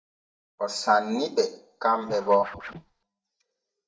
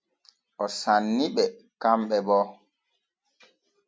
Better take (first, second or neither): second